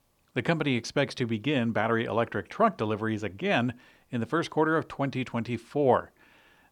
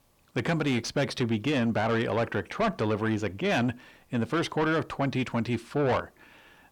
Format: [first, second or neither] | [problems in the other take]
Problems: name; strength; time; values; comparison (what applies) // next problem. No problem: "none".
first | distortion; heavy; 8 dB below the speech